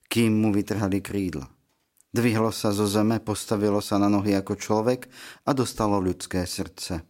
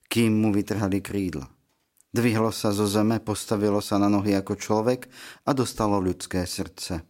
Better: neither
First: none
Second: none

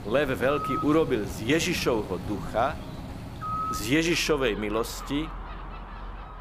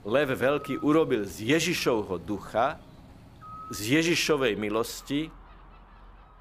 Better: second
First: animal sounds; loud; throughout; 10 dB below the speech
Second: animal sounds; faint; throughout; 20 dB below the speech

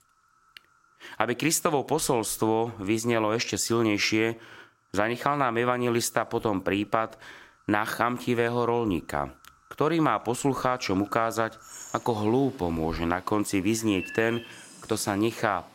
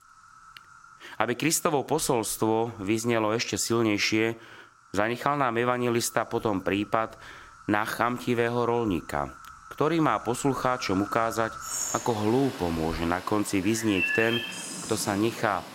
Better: first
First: animal sounds; faint; throughout; 20 dB below the speech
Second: animal sounds; loud; throughout; 8 dB below the speech

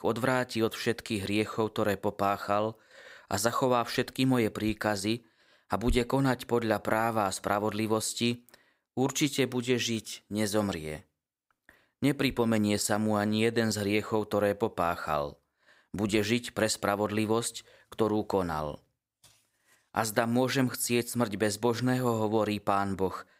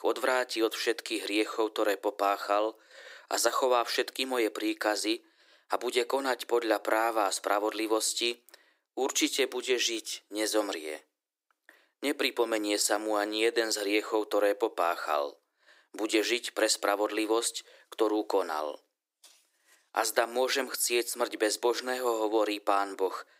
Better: first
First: none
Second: thin; very; fading below 300 Hz

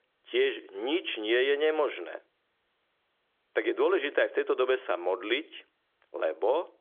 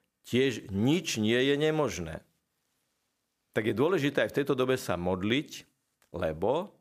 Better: second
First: phone-call audio; nothing above 3.5 kHz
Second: none

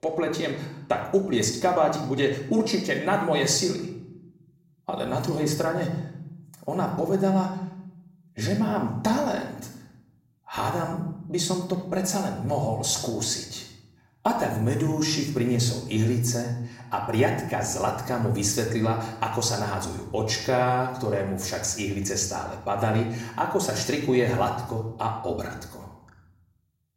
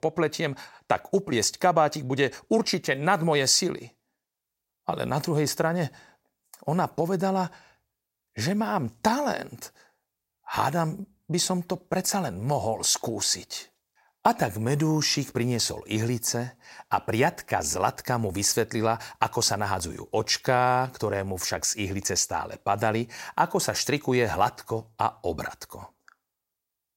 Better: second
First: room echo; slight; dies away in 0.9 s // off-mic speech; far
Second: none

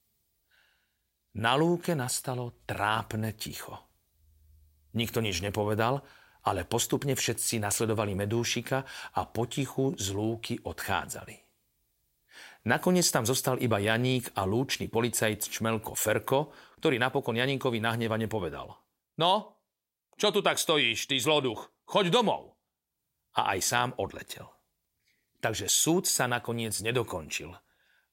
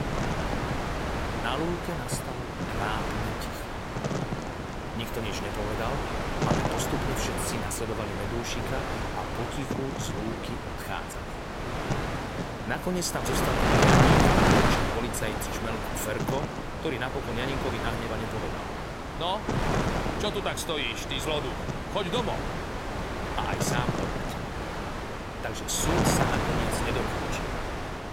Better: first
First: none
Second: wind noise on the microphone; heavy; 3 dB above the speech

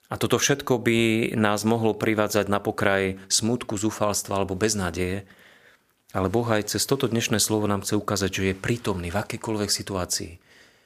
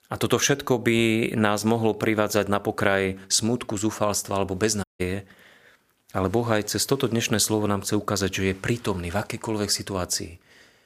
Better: first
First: none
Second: audio cutting out; at 5 s

